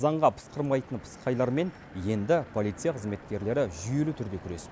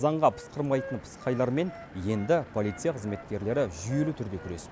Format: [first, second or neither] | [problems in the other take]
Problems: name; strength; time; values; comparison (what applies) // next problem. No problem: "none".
first | background sound (Wind instrument, woodwind instrument); 17 dB below the speech